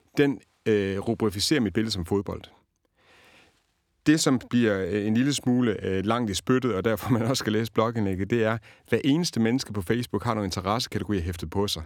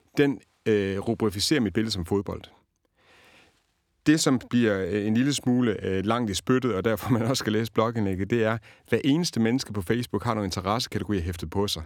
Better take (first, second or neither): neither